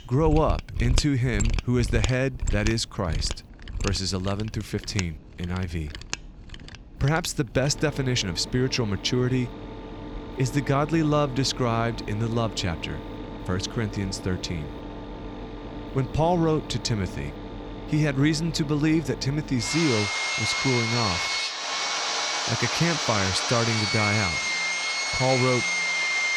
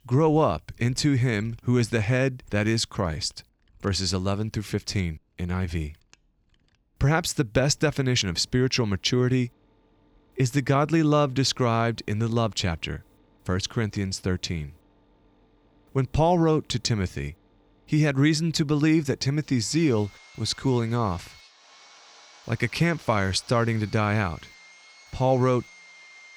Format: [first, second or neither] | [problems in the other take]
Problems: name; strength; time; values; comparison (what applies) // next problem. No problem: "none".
second | machinery noise; loud; throughout; 3 dB below the speech; faint in the second